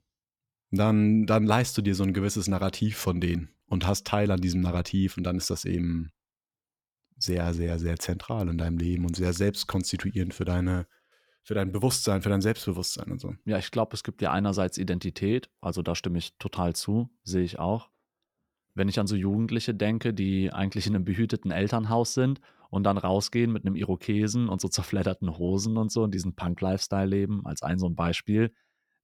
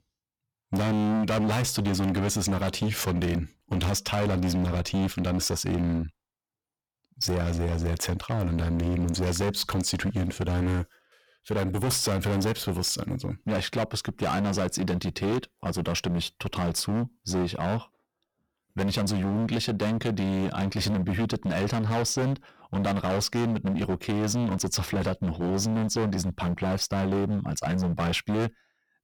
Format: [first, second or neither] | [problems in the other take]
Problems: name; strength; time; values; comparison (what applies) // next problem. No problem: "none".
first | distortion; heavy; 24% of the sound clipped